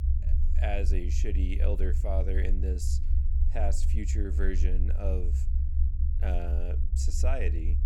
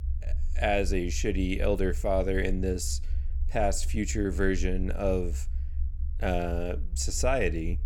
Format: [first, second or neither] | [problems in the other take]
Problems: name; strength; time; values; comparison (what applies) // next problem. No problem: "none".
second | low rumble; loud; throughout; 9 dB below the speech; faint in the second